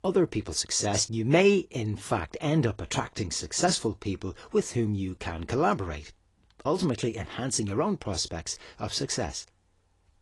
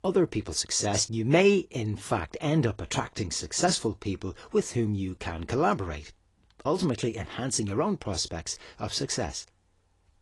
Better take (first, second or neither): neither